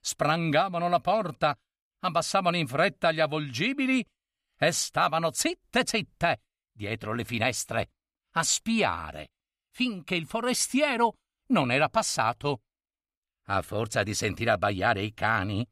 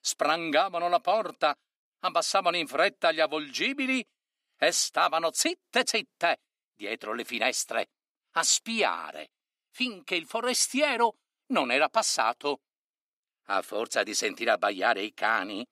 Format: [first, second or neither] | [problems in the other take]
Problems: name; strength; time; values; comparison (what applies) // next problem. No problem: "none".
first | thin; very slightly; fading below 300 Hz